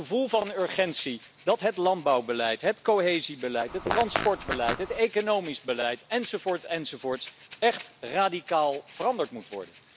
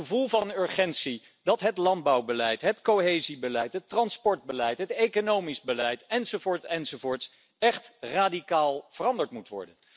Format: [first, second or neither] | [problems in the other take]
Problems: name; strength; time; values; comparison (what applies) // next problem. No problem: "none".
second | background sound (Breathing + Fart); 12 dB below the speech